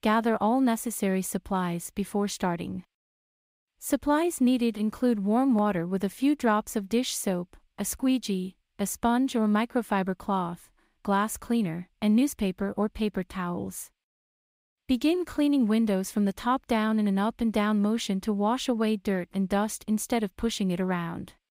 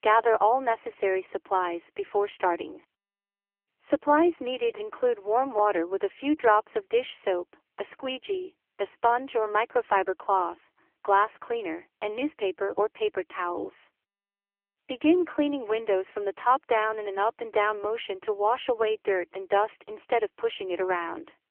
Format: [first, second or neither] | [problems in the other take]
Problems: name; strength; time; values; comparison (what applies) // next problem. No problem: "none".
first | phone-call audio; poor line; nothing above 3 kHz